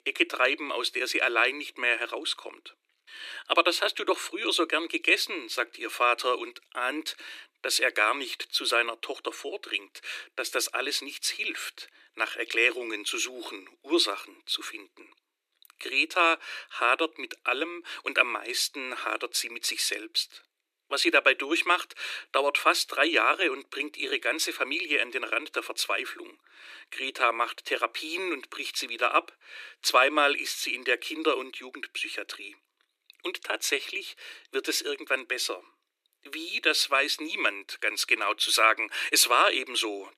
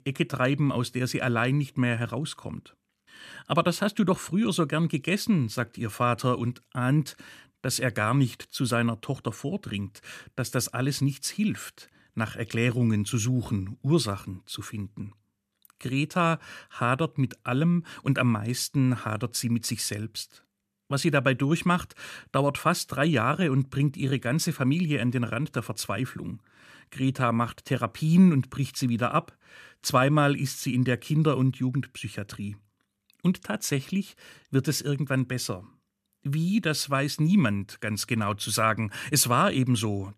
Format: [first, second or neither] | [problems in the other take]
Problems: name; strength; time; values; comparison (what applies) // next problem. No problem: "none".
second | thin; very; fading below 300 Hz